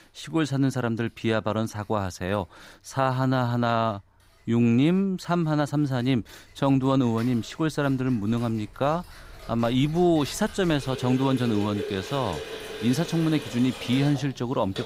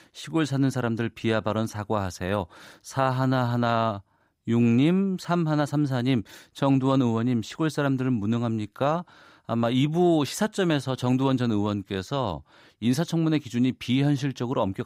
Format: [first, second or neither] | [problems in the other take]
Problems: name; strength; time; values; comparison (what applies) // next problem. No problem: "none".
second | household noises; noticeable; throughout; 15 dB below the speech